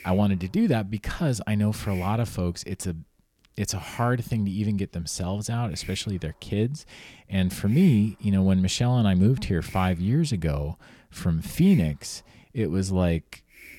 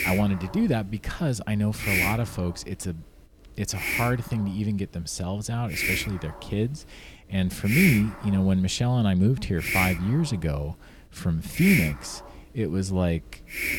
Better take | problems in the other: first | hiss; loud; throughout; 1 dB below the speech; faint in the first

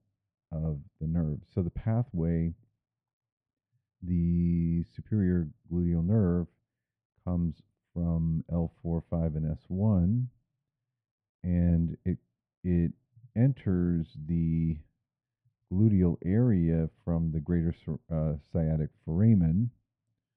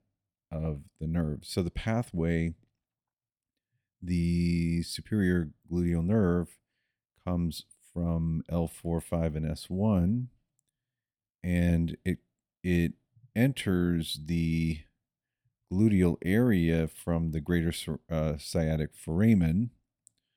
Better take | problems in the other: second | muffled; very; fading above 1 kHz

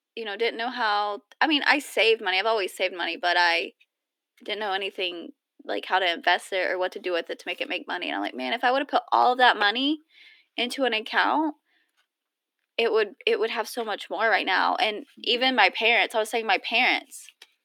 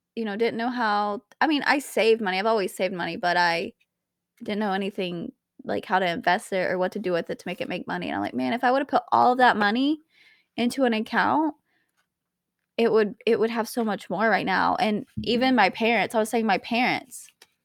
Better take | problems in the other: second | thin; somewhat; fading below 300 Hz

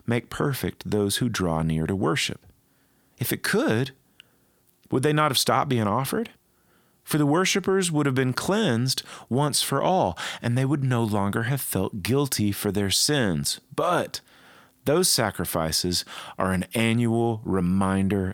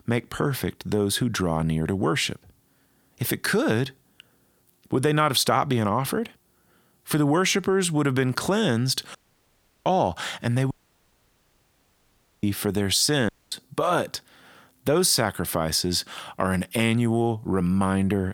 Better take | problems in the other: first | audio cutting out; at 9 s for 0.5 s, at 11 s for 1.5 s and at 13 s

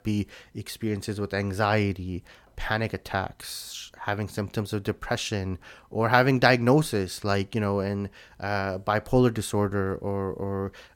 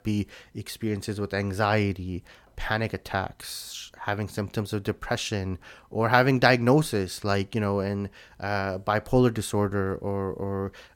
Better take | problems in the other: neither | none

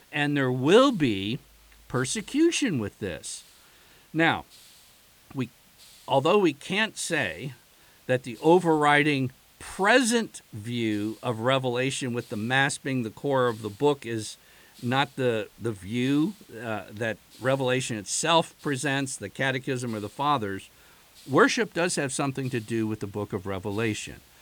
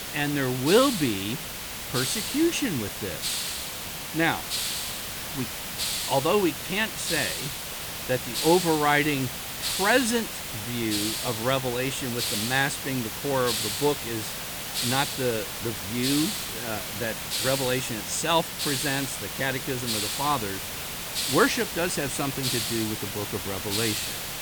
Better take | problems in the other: first | hiss; loud; throughout; 2 dB below the speech; faint in the first

